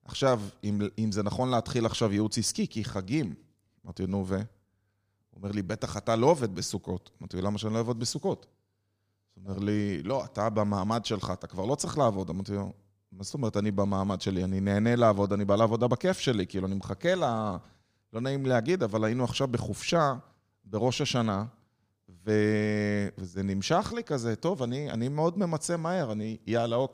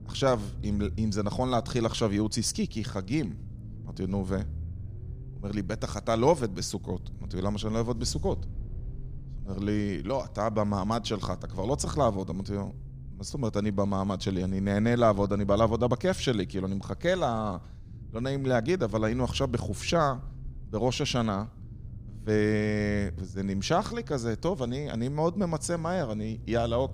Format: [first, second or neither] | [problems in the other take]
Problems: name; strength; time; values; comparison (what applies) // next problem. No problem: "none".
first | low rumble; faint; throughout; 25 dB below the speech